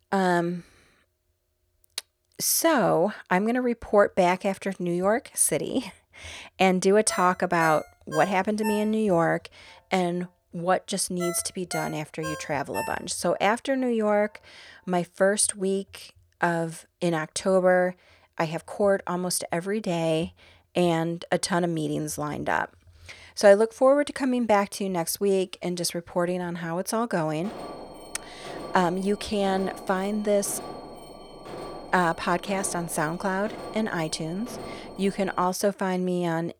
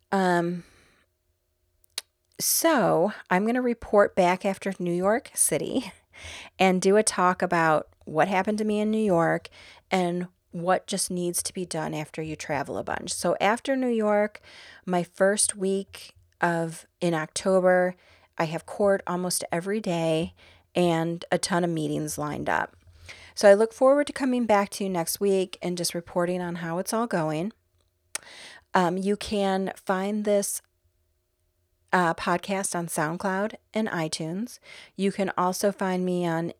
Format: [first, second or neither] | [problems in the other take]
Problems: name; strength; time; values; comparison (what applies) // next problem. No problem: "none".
second | phone ringing; noticeable; from 7 to 13 s; peak 10 dB below the speech // alarm; faint; from 27 to 35 s; peak 15 dB below the speech